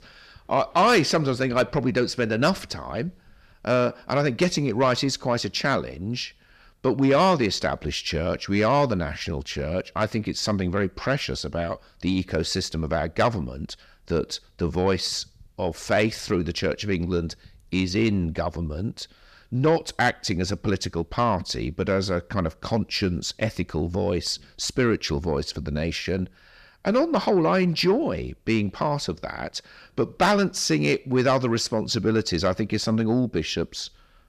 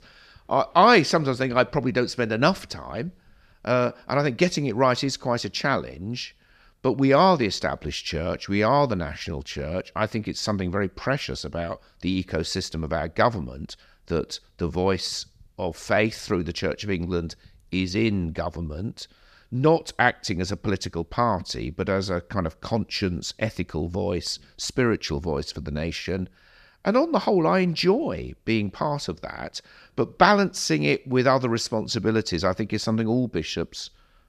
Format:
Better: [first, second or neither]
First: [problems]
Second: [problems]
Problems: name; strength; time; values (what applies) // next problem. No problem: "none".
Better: second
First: distortion; slight; 10 dB below the speech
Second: none